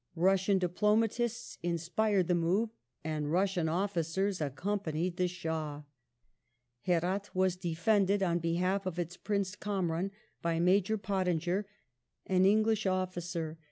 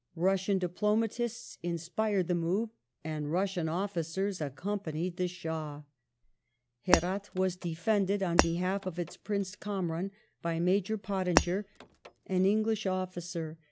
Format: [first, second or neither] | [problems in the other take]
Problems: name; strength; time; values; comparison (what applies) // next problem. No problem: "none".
first | background sound (Shatter); 3 dB below the speech